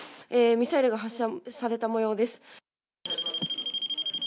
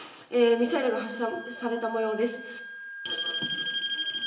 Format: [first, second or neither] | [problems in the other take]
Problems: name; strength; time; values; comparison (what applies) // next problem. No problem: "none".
first | background sound (Wind instrument, woodwind instrument); 11 dB below the speech // room echo; dies away in 0.9 s